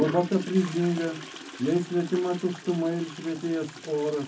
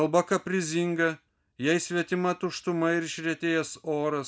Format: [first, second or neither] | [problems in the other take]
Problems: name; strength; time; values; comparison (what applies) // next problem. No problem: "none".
second | background sound (Toilet flush); 12 dB below the speech // room echo; dies away in 0.3 s